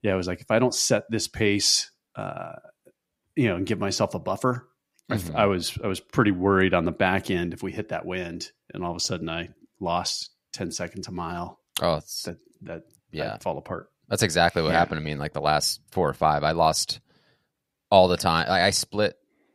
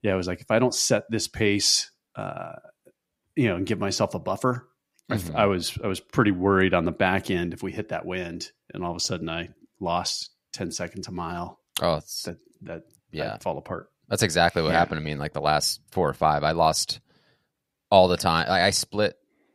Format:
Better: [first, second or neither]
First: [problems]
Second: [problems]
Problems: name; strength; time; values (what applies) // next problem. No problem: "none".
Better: neither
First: none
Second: none